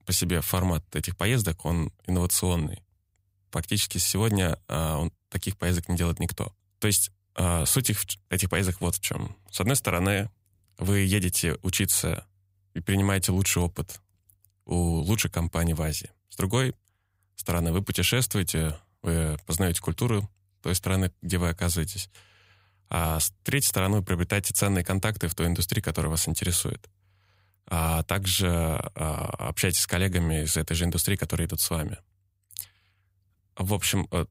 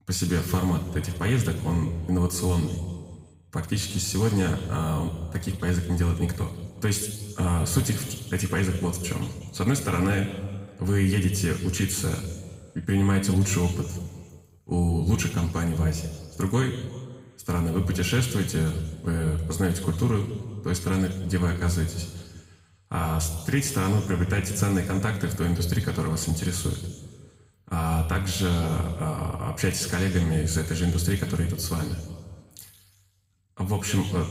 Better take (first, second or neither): first